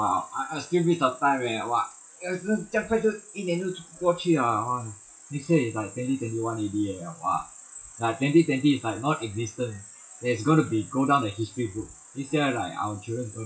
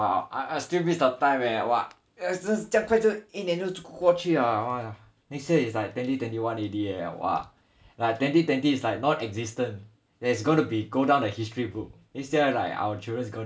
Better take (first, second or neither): second